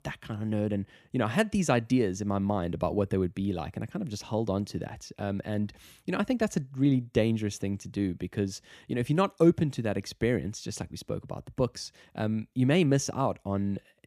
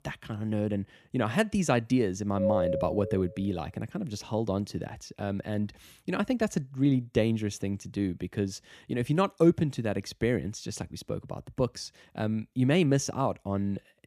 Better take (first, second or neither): first